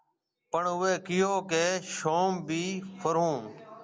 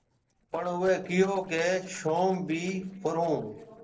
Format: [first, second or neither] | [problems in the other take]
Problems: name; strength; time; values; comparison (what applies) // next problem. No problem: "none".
first | noise reduction (neural separator model SepFormer DNS4)